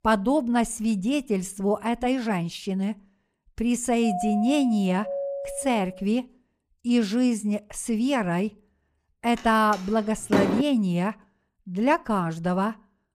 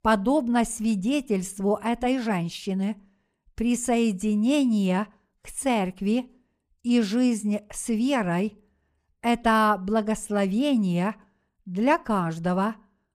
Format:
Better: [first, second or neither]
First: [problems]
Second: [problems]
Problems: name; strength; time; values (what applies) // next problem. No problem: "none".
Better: second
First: doorbell; noticeable; from 4 to 6 s; peak 5 dB below the speech // door banging; loud; at 9.5 s; peak 1 dB above the speech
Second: none